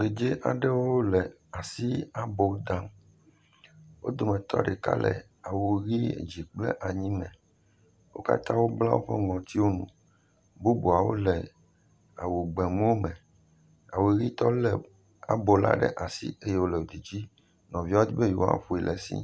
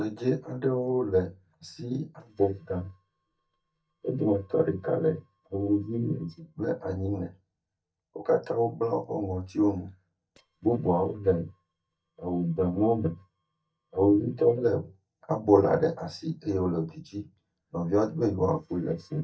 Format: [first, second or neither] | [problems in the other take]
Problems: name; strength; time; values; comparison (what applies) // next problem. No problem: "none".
first | noise reduction (neural mask model DeepFilterNet 3)